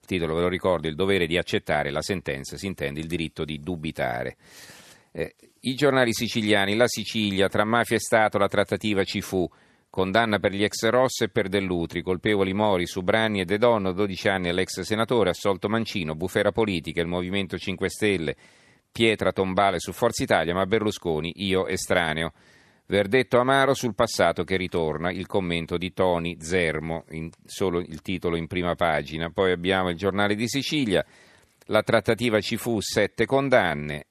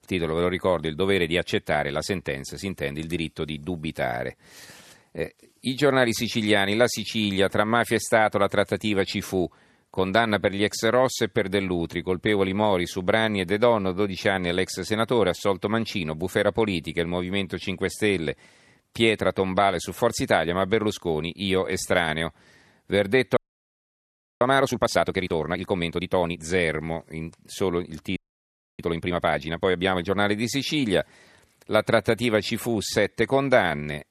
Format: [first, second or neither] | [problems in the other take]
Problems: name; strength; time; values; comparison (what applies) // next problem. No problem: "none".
first | audio freezing; at 23 s for 1 s and at 28 s for 0.5 s